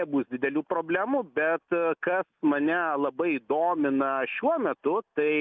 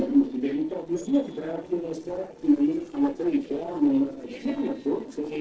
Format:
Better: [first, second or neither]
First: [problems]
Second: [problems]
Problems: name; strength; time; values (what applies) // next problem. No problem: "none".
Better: first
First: none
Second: noise reduction (neural separator model SepFormer DNS4)